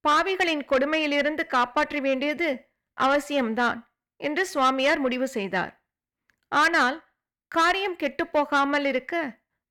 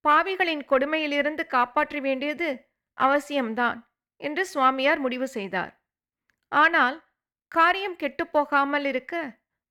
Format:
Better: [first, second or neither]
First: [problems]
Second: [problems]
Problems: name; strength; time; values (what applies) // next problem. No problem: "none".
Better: second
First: distortion; slight; 10 dB below the speech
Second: none